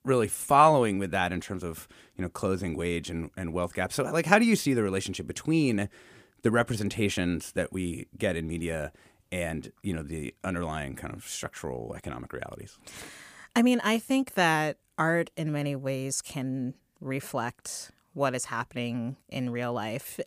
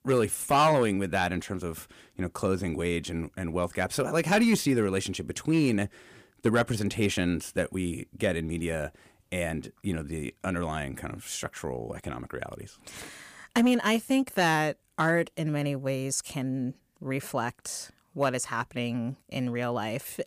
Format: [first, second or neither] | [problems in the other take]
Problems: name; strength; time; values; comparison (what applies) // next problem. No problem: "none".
first | distortion; slight; 1.6% of the sound clipped